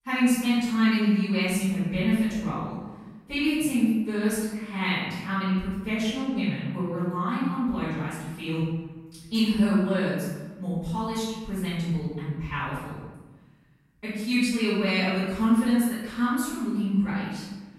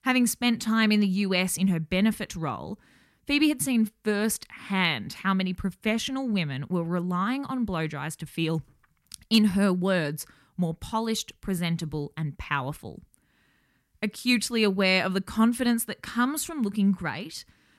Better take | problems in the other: second | off-mic speech; far // room echo; strong; dies away in 1.1 s

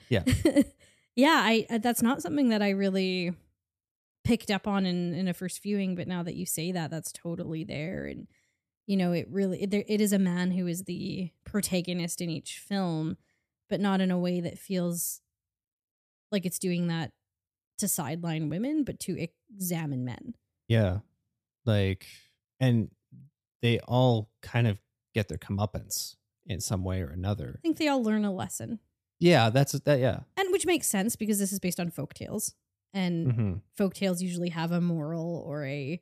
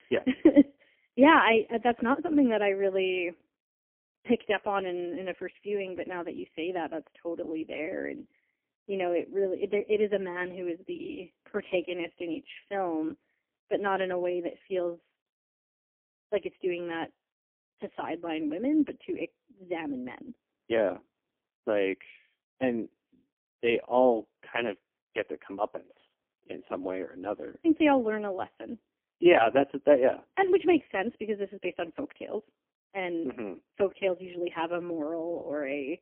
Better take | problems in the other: first | phone-call audio; poor line; nothing above 3 kHz

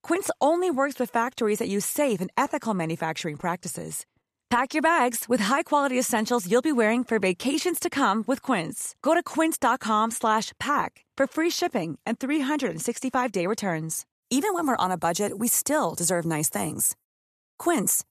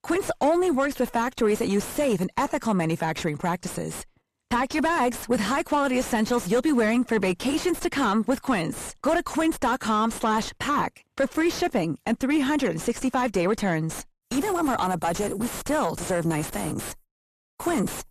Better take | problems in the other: first | distortion; heavy; 5 dB below the speech

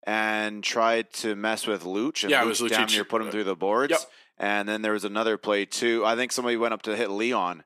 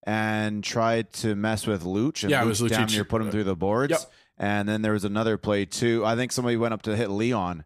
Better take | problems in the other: second | thin; somewhat; fading below 300 Hz

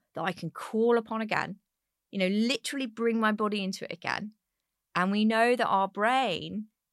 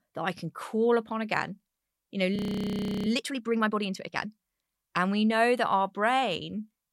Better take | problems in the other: first | audio freezing; at 2.5 s for 0.5 s

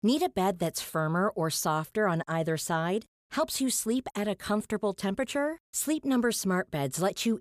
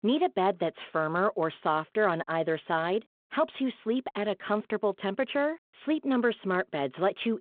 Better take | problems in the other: first | phone-call audio

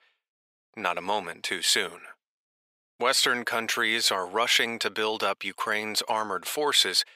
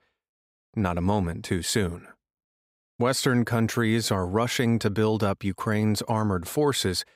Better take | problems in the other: second | thin; very; fading below 600 Hz

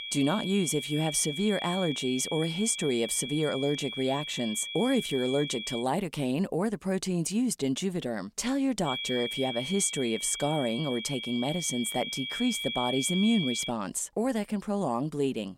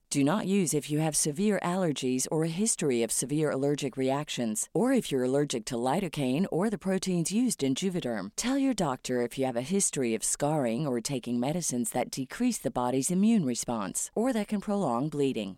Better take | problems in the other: second | high-pitched whine; loud; until 6 s and from 9 to 14 s; 3.5 kHz, 5 dB below the speech

